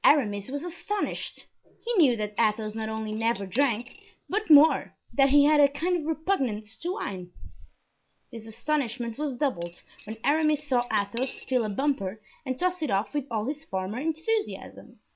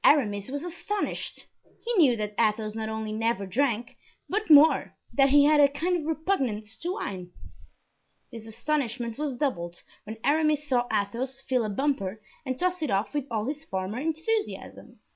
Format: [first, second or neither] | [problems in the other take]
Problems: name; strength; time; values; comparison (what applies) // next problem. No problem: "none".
second | background sound (Cutlery, silverware / Dishes, pots, and pans); 19 dB below the speech